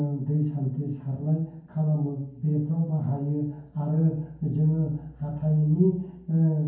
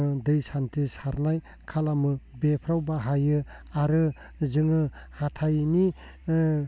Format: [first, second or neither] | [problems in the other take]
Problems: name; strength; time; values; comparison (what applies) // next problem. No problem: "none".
second | room echo; dies away in 0.9 s